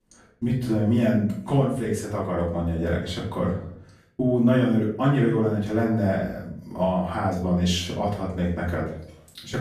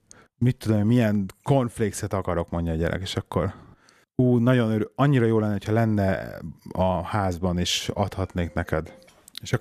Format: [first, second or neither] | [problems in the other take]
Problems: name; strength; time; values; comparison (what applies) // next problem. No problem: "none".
second | off-mic speech; far // room echo; noticeable; dies away in 0.5 s